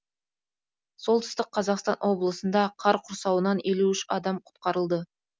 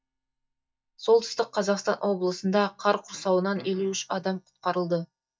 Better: first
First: none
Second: noise reduction (neural mask model DeepFilterNet 3)

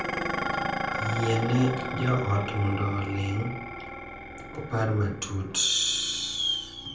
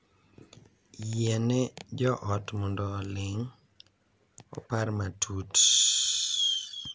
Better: second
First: background sound (Dishes, pots, and pans); 6 dB below the speech // room echo; dies away in 0.6 s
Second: none

